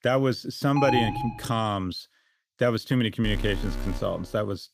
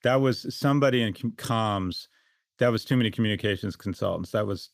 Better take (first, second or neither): second